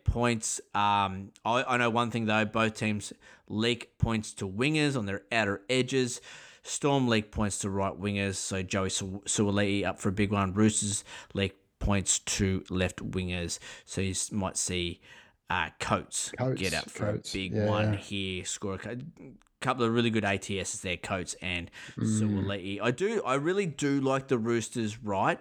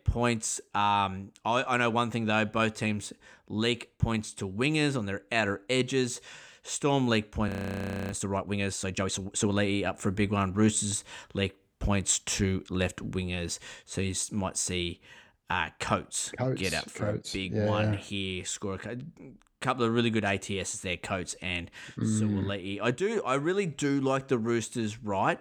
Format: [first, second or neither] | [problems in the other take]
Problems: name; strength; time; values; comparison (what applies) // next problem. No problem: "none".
first | audio freezing; at 7.5 s for 0.5 s